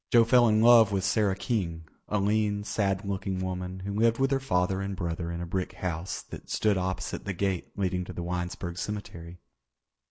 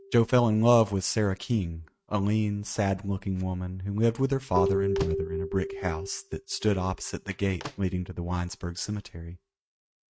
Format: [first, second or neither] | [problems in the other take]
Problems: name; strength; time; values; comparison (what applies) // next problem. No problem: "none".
first | noise reduction (neural mask model RNNoise)